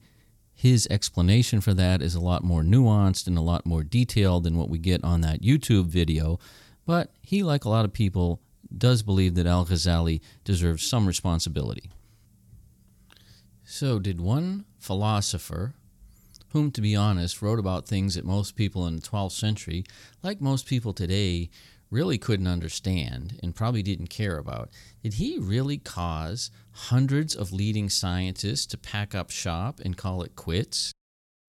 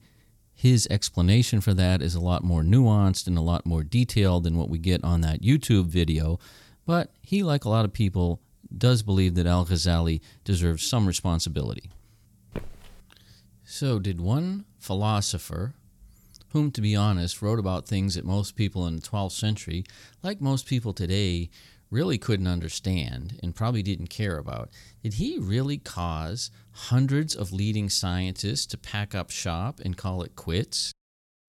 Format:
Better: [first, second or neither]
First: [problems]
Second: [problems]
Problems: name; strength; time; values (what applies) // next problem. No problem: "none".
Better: first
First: none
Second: footsteps; faint; at 13 s; peak 15 dB below the speech